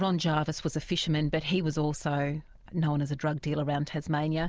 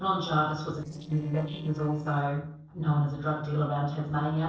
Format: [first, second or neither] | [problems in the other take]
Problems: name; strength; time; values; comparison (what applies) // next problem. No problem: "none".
first | noise reduction (neural separator model SepFormer DNS4)